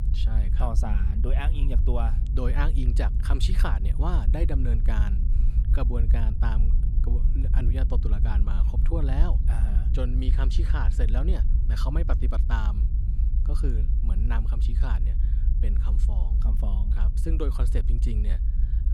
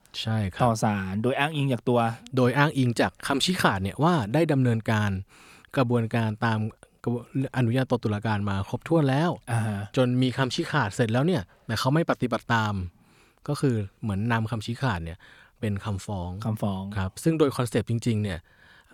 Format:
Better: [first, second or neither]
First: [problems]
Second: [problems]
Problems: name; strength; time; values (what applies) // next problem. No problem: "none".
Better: second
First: low rumble; loud; throughout; 7 dB below the speech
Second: none